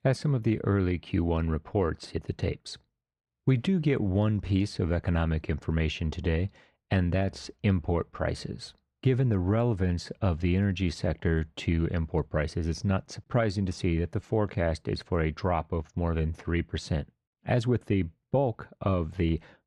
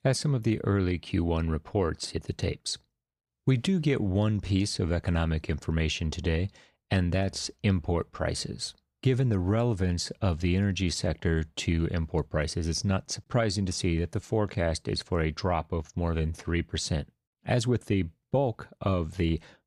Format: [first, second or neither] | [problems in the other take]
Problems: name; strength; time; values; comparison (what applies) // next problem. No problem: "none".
second | muffled; slightly; fading above 4 kHz